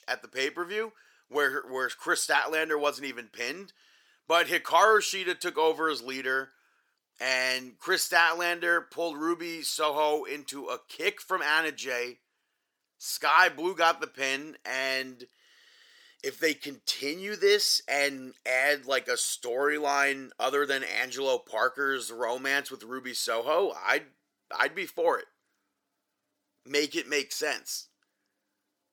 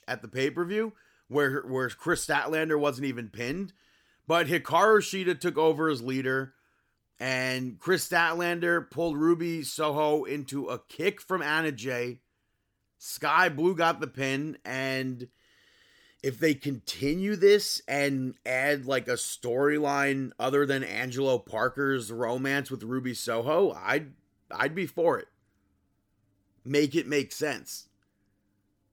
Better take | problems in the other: second | thin; somewhat; fading below 550 Hz

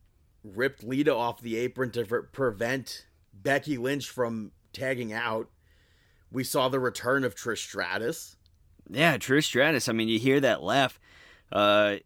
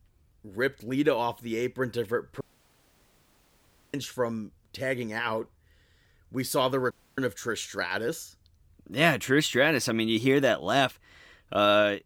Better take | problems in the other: first | audio cutting out; at 2.5 s for 1.5 s and at 7 s

